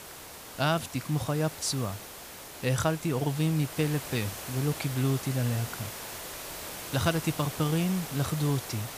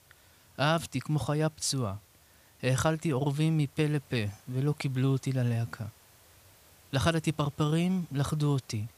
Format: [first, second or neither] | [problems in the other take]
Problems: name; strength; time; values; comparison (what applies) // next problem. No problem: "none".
second | hiss; loud; throughout; 9 dB below the speech; faint in the second